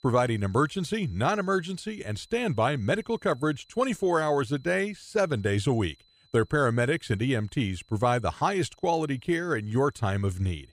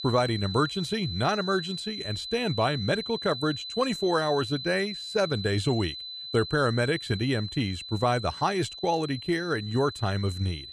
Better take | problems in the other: first | high-pitched whine; loud; throughout; 4 kHz, 8 dB below the speech; faint in the first

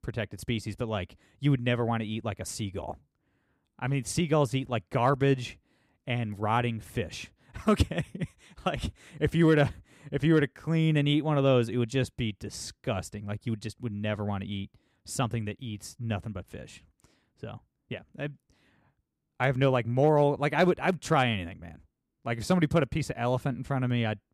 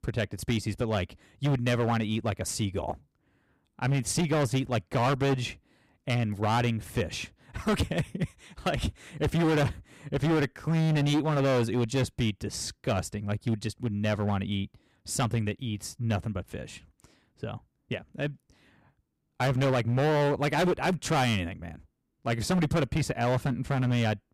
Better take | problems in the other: first | distortion; heavy; 11% of the sound clipped

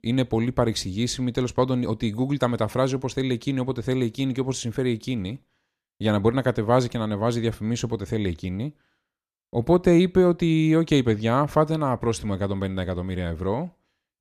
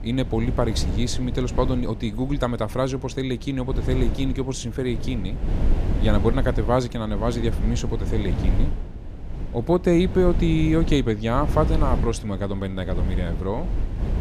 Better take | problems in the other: first | wind noise on the microphone; occasional gusts; 10 dB below the speech

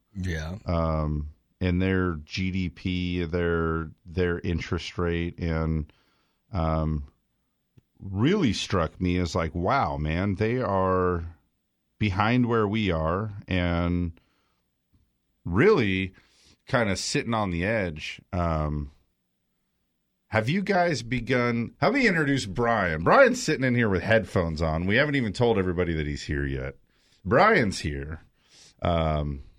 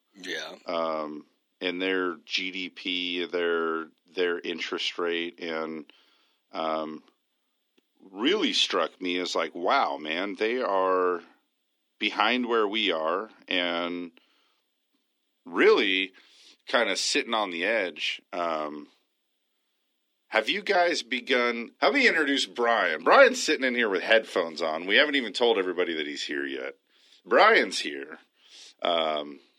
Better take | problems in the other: first | thin; somewhat; fading below 250 Hz

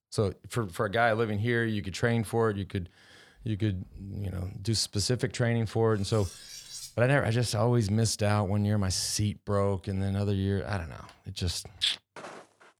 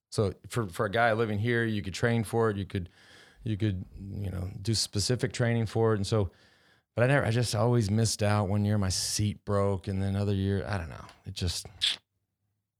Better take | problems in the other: second | clattering dishes; faint; from 6 to 7.5 s; peak 10 dB below the speech // footsteps; faint; at 12 s; peak 15 dB below the speech

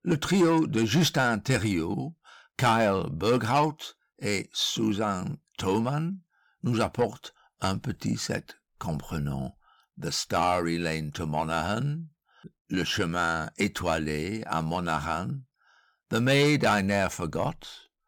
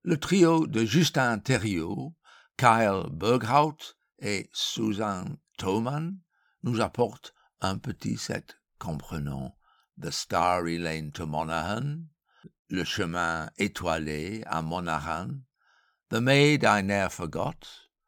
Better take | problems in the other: second | distortion; slight; 10 dB below the speech

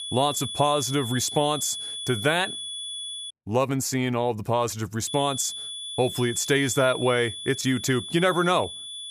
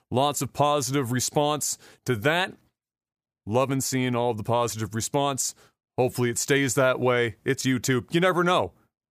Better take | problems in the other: second | high-pitched whine; loud; until 3.5 s and from 5 s on; 3.5 kHz, 8 dB below the speech

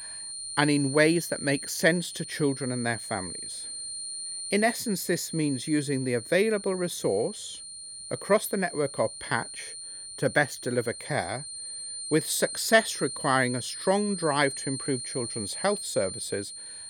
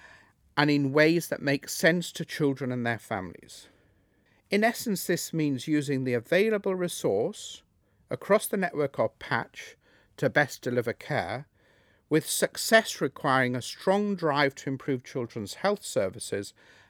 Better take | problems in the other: second | high-pitched whine; loud; throughout; 9 kHz, 8 dB below the speech

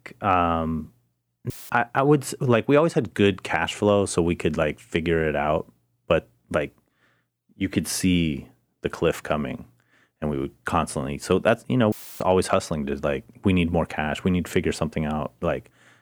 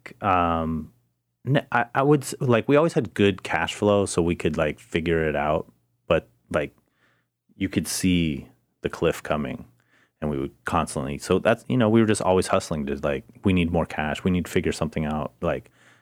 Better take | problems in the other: second | audio cutting out; filled with static; at 1.5 s and at 12 s

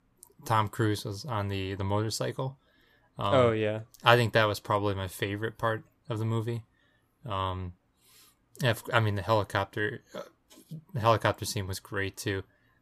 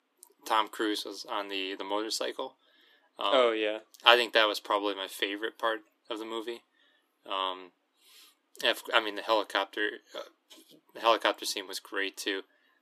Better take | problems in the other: first | thin; very; fading below 300 Hz

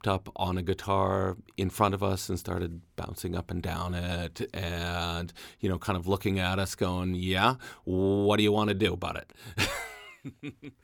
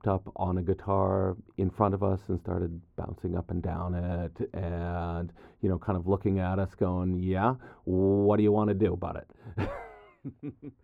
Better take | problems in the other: first | muffled; very; fading above 2 kHz

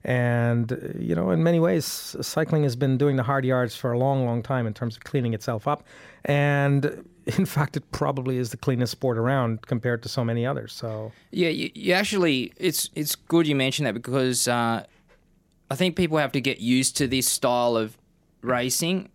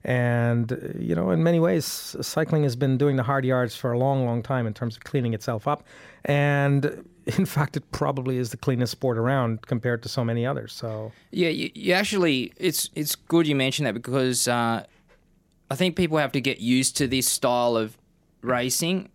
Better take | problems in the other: neither | none

